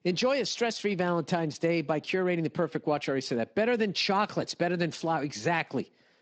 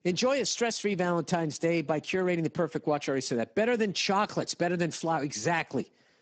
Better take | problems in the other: first | garbled, watery; badly; nothing above 7.5 kHz; slightly in the first

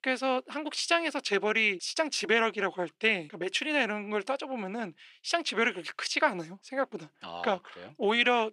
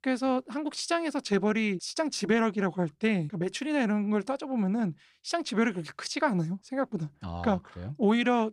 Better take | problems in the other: second | thin; somewhat; fading below 400 Hz

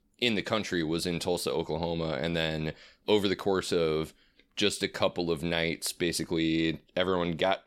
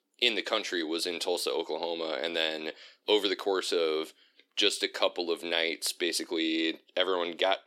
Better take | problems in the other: first | thin; somewhat; fading below 300 Hz

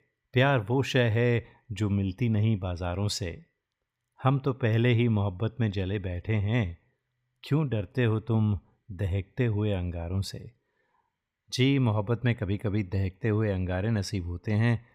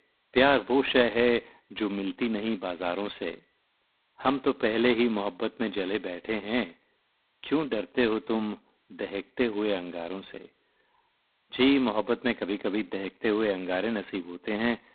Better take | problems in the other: first | phone-call audio; poor line; nothing above 4 kHz

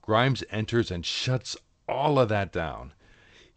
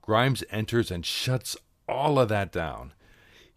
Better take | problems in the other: second | garbled, watery; slightly; nothing above 8 kHz

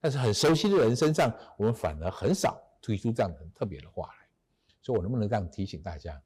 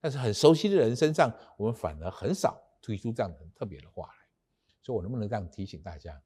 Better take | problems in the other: second | distortion; heavy; 5% of the sound clipped

